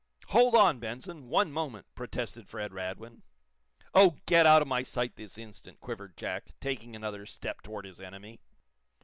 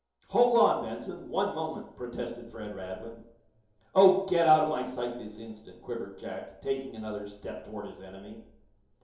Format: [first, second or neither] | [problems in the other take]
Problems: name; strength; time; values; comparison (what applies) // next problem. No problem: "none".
first | room echo; dies away in 2.8 s